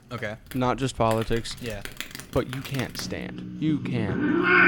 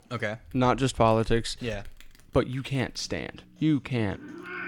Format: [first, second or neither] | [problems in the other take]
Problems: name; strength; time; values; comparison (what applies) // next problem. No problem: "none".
second | animal sounds; loud; throughout; 2 dB below the speech; faint in the second